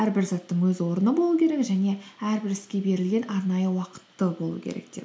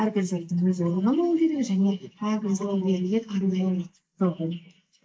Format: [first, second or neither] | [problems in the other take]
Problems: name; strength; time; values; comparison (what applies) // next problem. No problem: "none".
first | noise reduction (neural mask model Resemble Enhance denoiser)